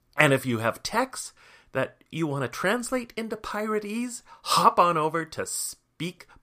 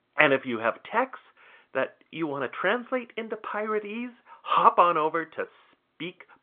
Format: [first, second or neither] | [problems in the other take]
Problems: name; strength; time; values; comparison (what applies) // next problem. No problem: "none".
first | phone-call audio; nothing above 3.5 kHz